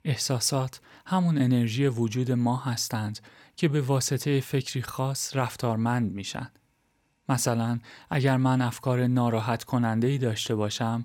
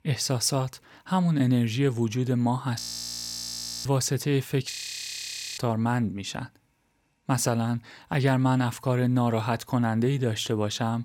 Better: first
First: none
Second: audio freezing; at 3 s for 1 s and at 4.5 s for 1 s

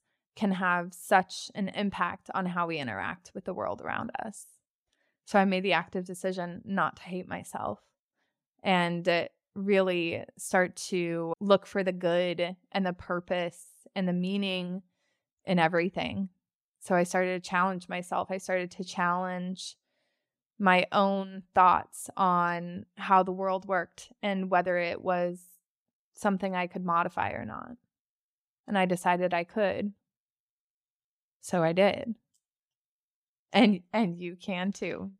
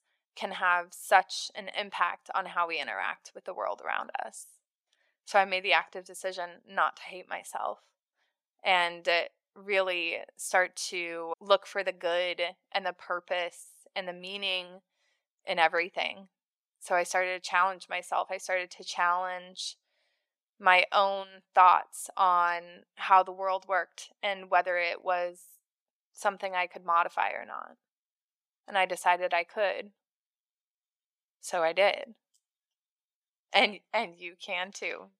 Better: first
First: none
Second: thin; very; fading below 700 Hz

